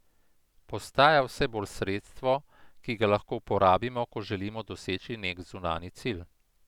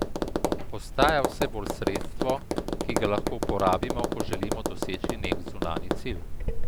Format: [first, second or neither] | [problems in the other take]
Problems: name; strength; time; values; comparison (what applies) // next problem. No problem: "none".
first | background sound (Tap); 3 dB above the speech